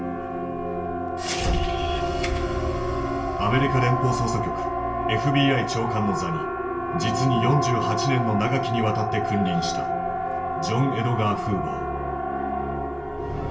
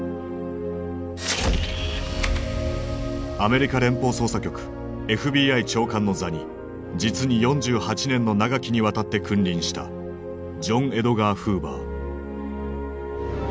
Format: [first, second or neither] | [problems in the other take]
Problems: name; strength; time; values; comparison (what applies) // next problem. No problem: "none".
second | background sound (Siren); 2 dB below the speech // room echo; dies away in 0.3 s